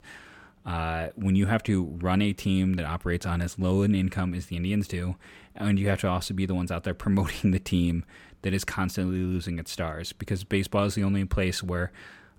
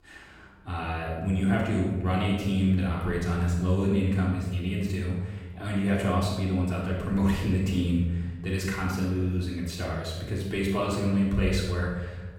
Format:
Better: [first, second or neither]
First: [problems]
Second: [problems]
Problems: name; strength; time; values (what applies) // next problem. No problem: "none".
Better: first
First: none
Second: off-mic speech; far // room echo; noticeable; dies away in 1.2 s